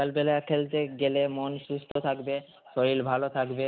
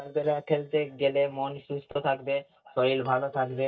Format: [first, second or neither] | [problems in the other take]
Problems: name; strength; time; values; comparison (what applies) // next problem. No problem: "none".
first | noise reduction (neural mask model DeepFilterNet 3)